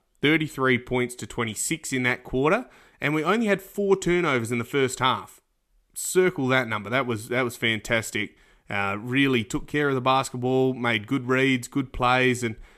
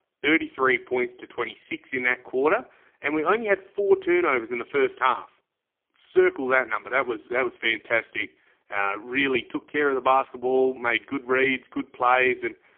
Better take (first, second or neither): first